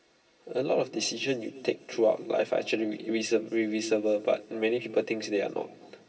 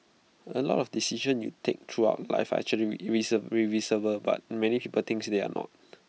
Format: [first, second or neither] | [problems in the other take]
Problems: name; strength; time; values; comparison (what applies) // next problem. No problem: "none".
second | room echo; dies away in 2.9 s